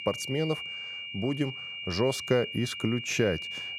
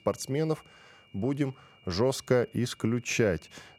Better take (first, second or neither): second